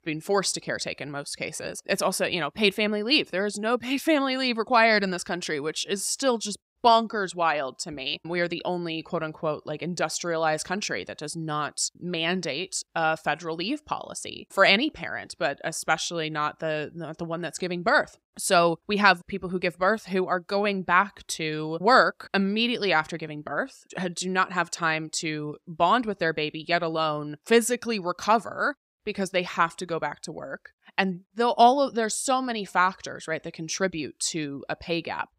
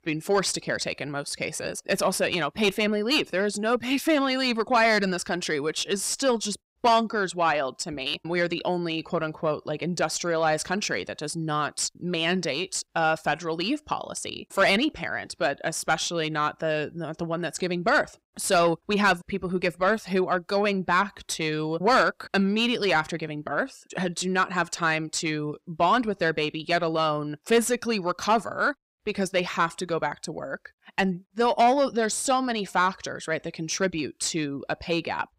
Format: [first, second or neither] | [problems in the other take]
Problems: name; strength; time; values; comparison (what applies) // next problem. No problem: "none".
first | distortion; slight; 10 dB below the speech